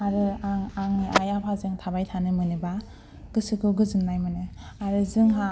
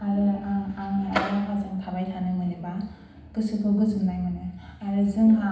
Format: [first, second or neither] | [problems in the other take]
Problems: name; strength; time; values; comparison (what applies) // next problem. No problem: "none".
first | room echo; dies away in 0.9 s